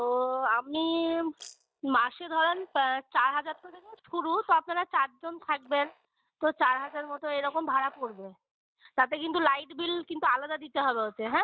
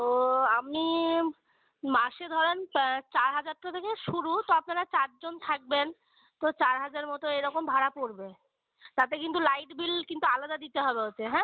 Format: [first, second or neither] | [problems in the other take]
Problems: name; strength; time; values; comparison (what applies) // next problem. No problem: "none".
second | noise reduction (neural mask model DeepFilterNet 3)